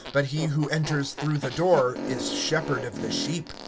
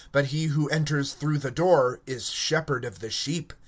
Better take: second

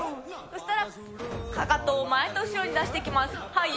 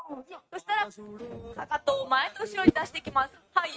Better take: first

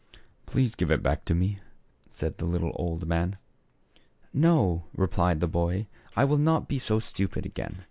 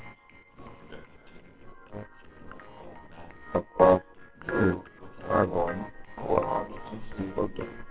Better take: first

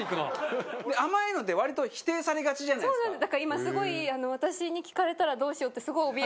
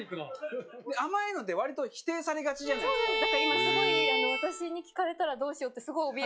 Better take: first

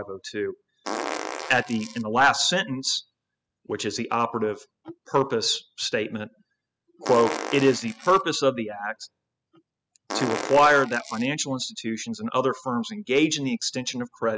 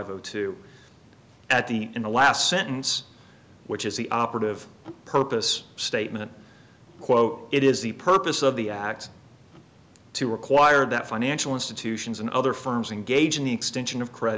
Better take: second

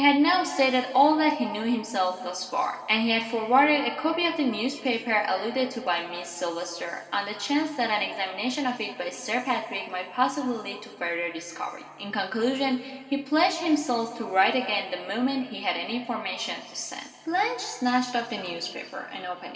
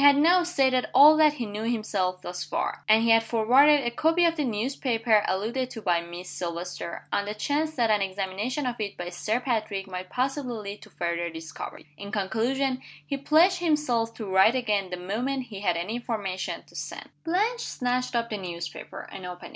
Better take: second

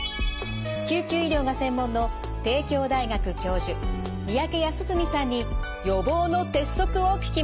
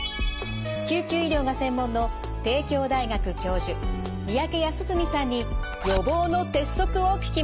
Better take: first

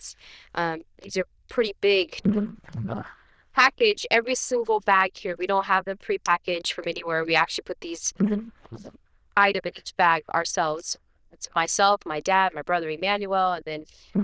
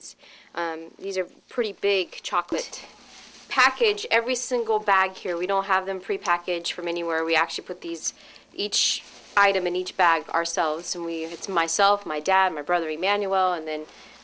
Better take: second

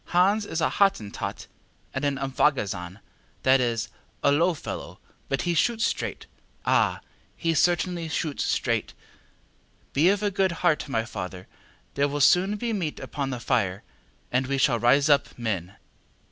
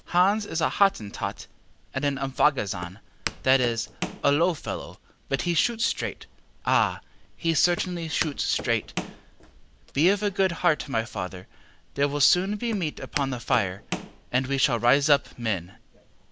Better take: first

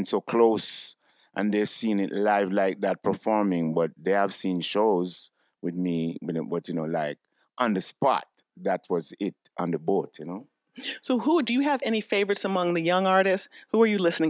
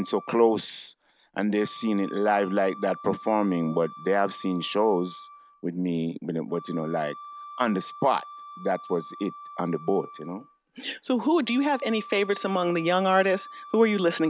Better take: first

